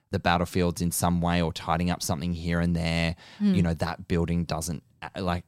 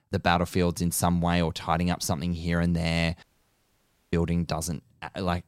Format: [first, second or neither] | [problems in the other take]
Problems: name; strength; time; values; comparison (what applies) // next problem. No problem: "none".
first | audio cutting out; at 3 s for 1 s